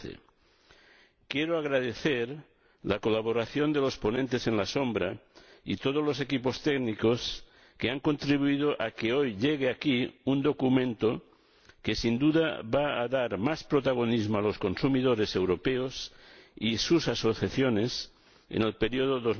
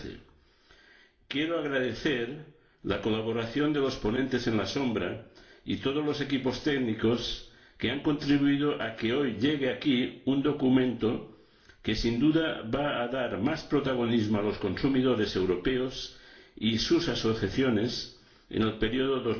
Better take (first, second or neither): first